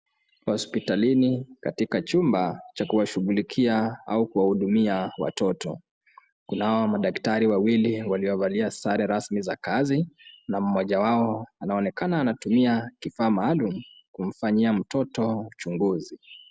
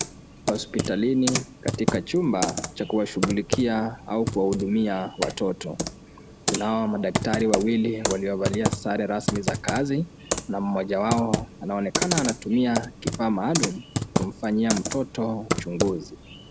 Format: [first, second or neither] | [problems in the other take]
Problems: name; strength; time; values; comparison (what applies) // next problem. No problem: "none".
first | background sound (Computer keyboard); 4 dB below the speech